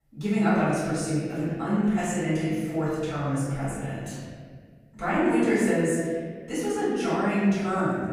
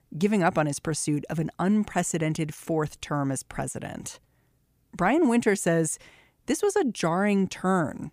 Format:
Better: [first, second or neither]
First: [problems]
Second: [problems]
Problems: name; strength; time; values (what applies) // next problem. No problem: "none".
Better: second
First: off-mic speech; far // room echo; strong; dies away in 1.8 s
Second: none